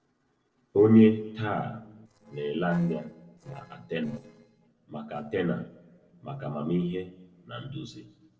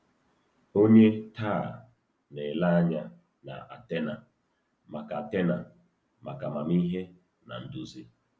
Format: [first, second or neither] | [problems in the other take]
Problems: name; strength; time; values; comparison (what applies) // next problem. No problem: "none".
second | noise reduction (neural separator model SepFormer DNS4)